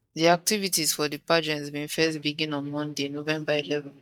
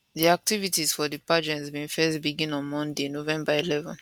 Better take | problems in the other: second | noise reduction (neural mask model DeepFilterNet 3)

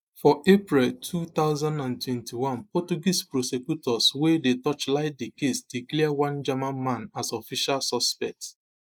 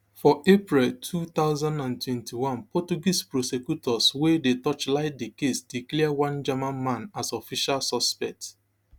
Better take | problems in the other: second | noise reduction (neural mask model Resemble Enhance denoiser)

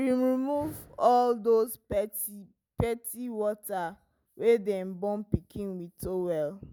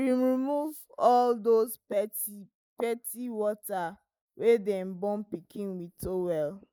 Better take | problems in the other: first | noise reduction (neural mask model Resemble Enhance denoiser)

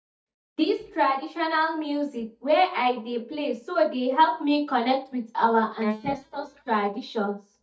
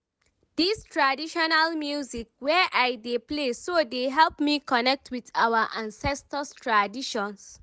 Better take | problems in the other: second | noise reduction (neural mask model DeepFilterNet 3)

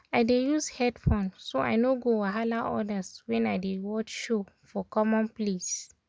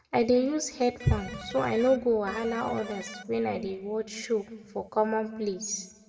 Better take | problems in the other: first | background sound (Electric guitar); 14 dB below the speech // room echo; dies away in 1.2 s

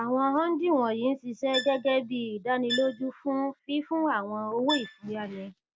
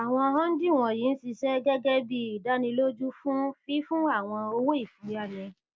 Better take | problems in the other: second | background sound (Bowed string instrument); 10 dB below the speech

